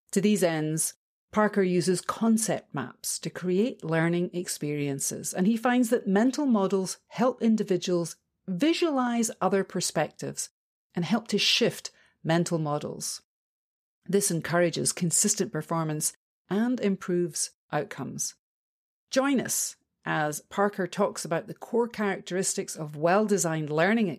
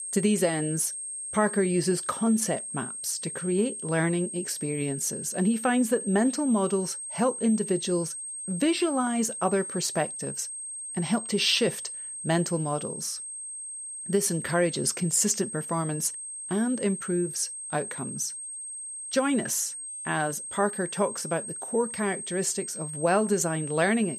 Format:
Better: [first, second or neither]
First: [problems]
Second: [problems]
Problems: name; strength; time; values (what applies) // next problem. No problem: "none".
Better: first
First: none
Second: high-pitched whine; loud; throughout; 8.5 kHz, 7 dB below the speech